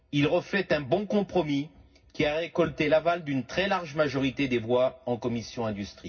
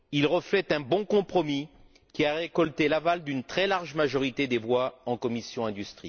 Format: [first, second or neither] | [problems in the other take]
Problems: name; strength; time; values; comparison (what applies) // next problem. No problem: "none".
second | room echo; dies away in 0.4 s